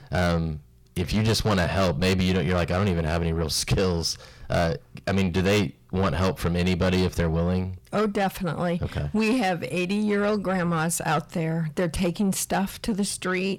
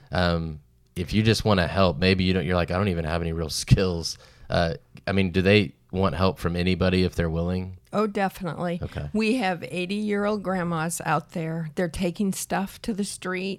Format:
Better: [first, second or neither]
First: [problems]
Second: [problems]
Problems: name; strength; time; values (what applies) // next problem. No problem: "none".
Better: second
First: distortion; heavy; 8 dB below the speech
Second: none